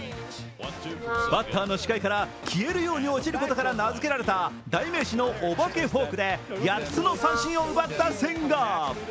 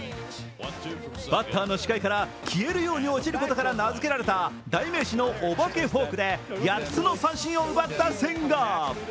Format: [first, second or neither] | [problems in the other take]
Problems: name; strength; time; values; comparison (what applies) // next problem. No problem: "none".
second | background sound (Wind instrument, woodwind instrument); 5 dB below the speech